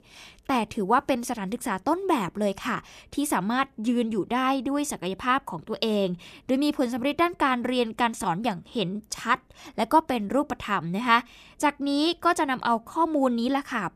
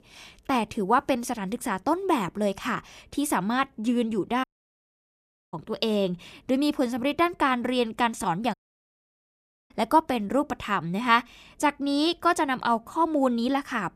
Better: first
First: none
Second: audio cutting out; at 4.5 s for 1 s and at 8.5 s for 1 s

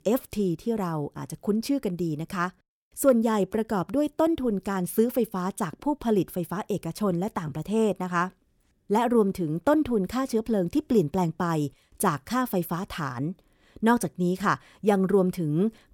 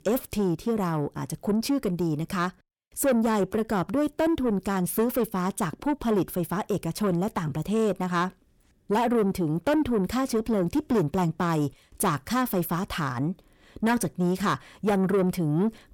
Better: first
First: none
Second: distortion; slight; 10 dB below the speech

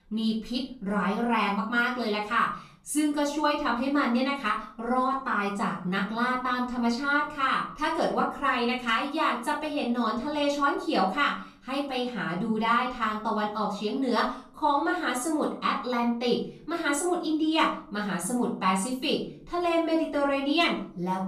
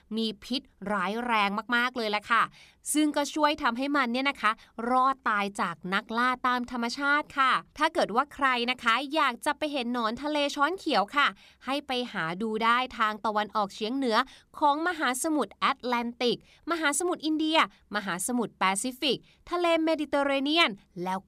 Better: second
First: off-mic speech; far // room echo; slight; dies away in 0.6 s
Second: none

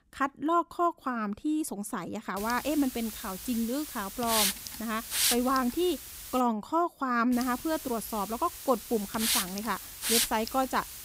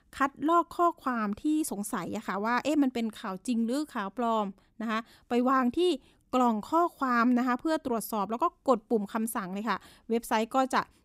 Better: second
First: hiss; loud; from 2.5 to 6.5 s and from 7.5 s on; 1 dB below the speech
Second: none

